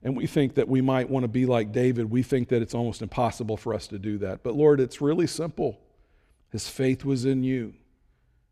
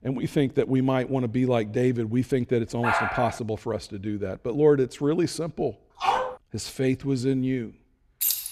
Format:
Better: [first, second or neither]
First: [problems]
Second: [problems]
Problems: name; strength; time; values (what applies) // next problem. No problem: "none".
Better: first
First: none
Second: dog barking; loud; at 3 s and at 6 s; peak 1 dB above the speech // jangling keys; loud; at 8 s; peak 1 dB above the speech